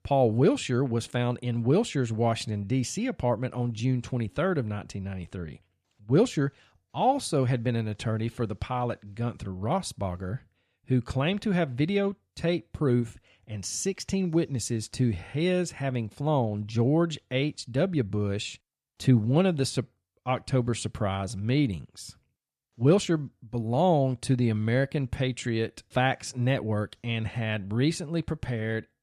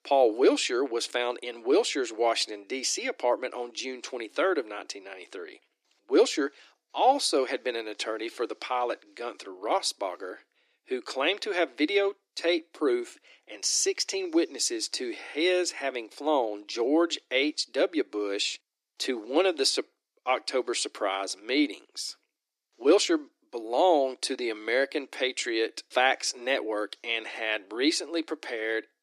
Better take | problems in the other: first | thin; somewhat; fading below 300 Hz

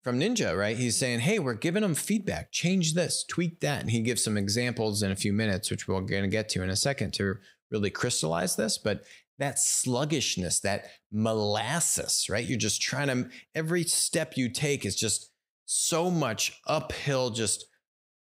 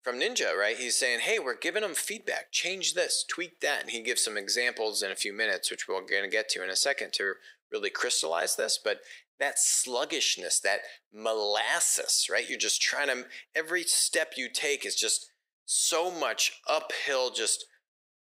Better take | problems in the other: first | thin; very; fading below 400 Hz

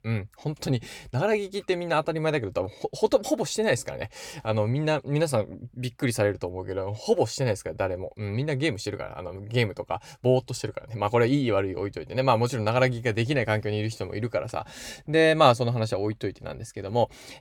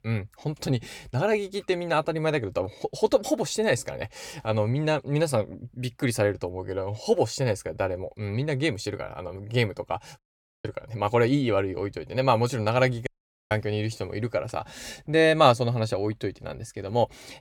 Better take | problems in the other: first | audio cutting out; at 10 s and at 13 s

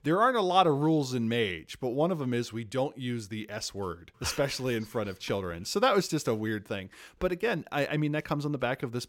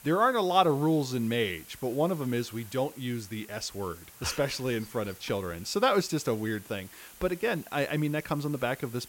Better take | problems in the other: first | hiss; noticeable; throughout; 20 dB below the speech

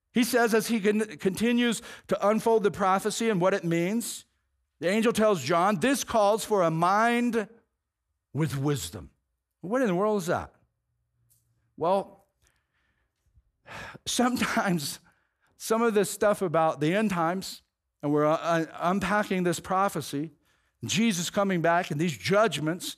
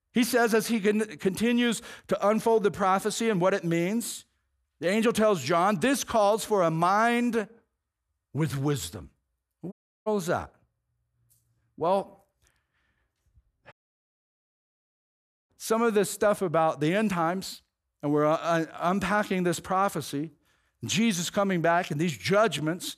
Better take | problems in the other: first | audio cutting out; at 9.5 s and at 14 s for 2 s

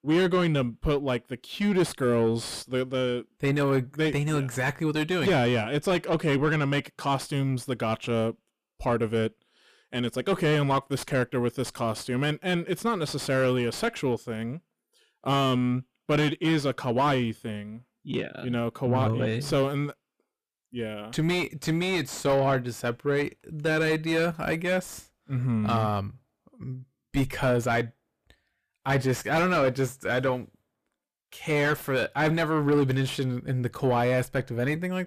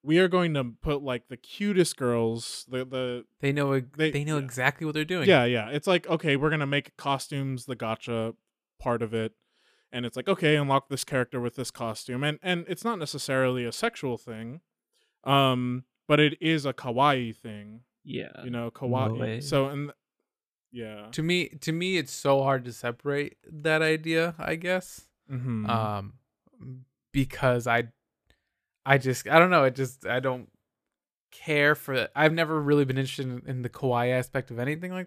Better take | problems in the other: second | distortion; heavy; 7 dB below the speech

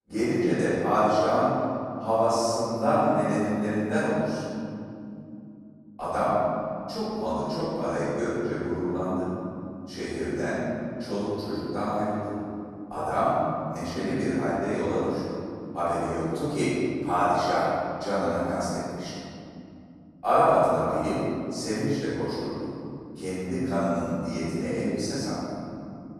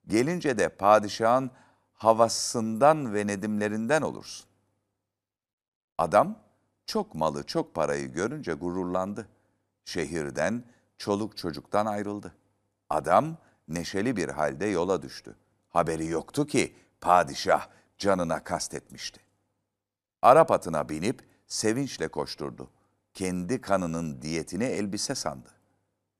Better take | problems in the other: second | off-mic speech; far // room echo; strong; dies away in 3 s

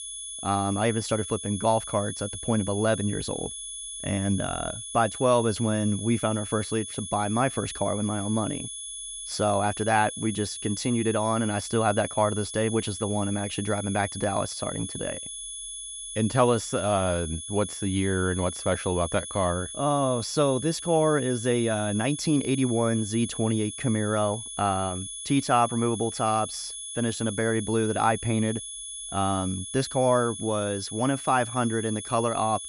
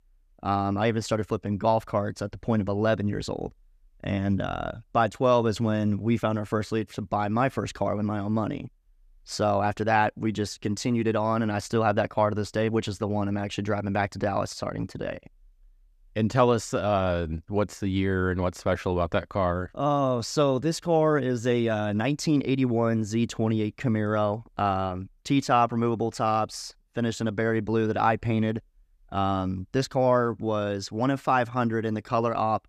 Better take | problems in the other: second | high-pitched whine; loud; throughout; 10 kHz, 8 dB below the speech

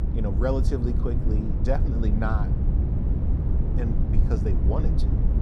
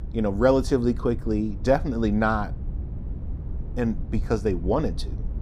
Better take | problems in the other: second | low rumble; loud; throughout; 5 dB below the speech; faint in the second

